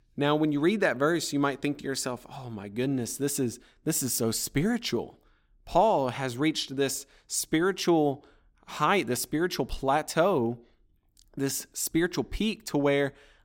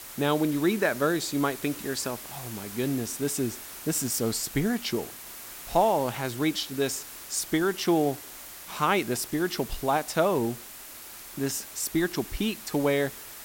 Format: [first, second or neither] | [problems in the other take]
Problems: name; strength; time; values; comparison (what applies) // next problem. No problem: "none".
first | hiss; noticeable; throughout; 10 dB below the speech